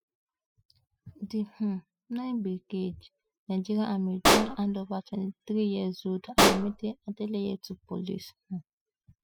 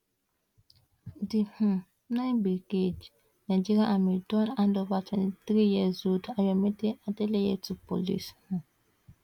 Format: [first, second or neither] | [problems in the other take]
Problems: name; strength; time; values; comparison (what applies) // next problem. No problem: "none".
second | noise reduction (classical method spectral subtraction)